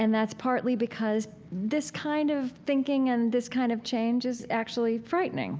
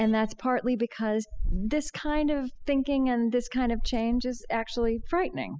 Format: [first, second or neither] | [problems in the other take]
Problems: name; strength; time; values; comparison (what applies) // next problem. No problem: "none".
first | noise reduction (classical method spectral subtraction)